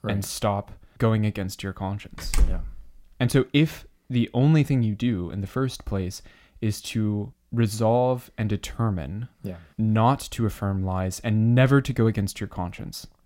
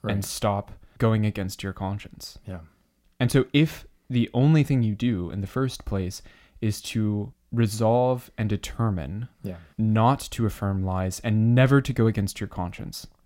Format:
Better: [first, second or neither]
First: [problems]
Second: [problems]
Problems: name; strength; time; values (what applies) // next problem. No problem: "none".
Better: second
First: door banging; noticeable; at 2.5 s; peak 2 dB below the speech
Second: none